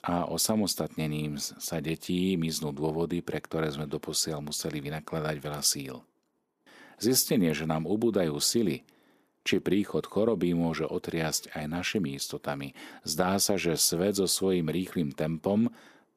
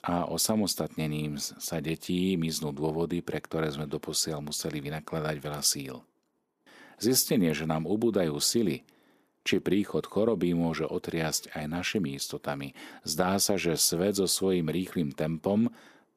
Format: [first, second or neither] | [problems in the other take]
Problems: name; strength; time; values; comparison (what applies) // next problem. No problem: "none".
neither | none